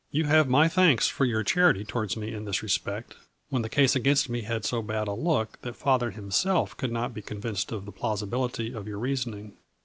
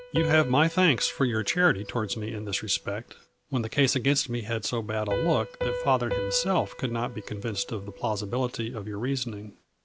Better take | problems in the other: first | background sound (Piano); 10 dB below the speech

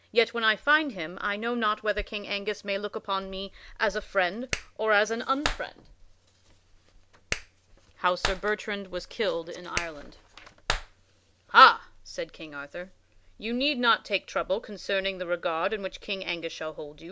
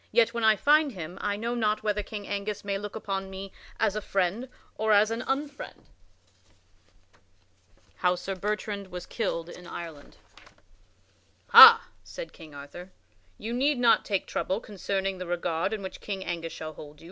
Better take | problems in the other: second | background sound (Clapping); 8 dB below the speech

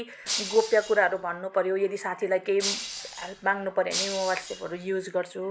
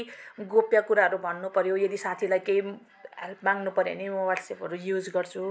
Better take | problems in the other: second | background sound (Shatter); 8 dB below the speech

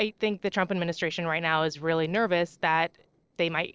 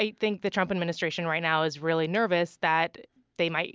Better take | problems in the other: second | noise reduction (neural separator model SepFormer DNS4)

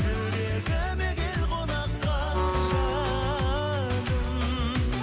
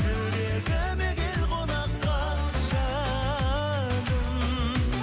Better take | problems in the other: second | background sound (Acoustic guitar); 10 dB below the speech

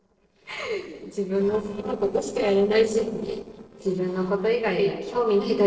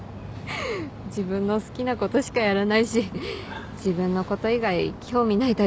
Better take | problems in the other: second | noise reduction (neural separator model SepFormer DNS4)

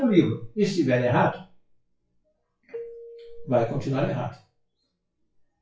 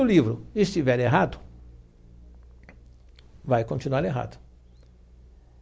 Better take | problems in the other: second | noise reduction (classical method WPE with log-MMSE)

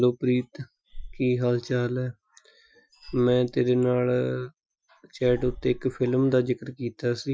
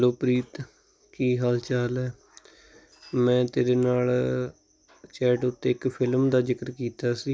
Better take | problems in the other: second | noise reduction (classical method Wiener filter)

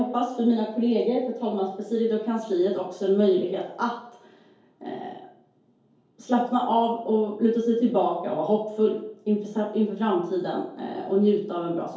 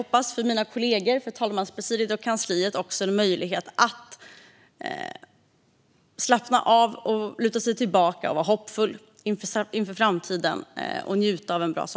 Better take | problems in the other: second | room echo; dies away in 2.4 s

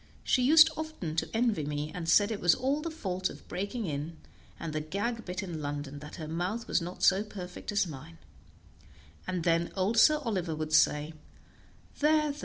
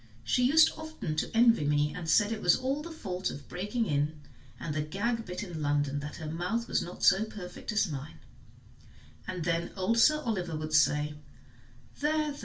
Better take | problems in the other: first | room echo; dies away in 0.2 s

